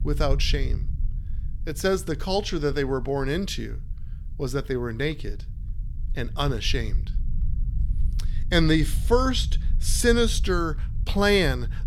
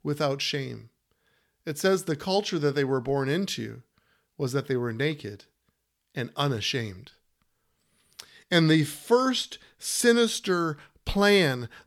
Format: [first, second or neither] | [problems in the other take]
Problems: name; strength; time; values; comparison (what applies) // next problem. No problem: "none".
second | low rumble; faint; throughout; 25 dB below the speech